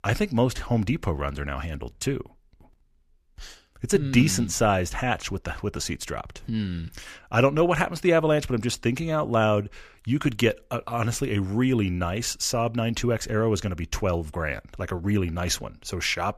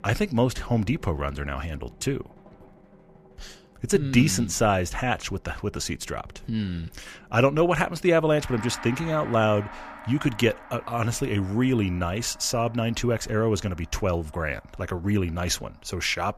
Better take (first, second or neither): first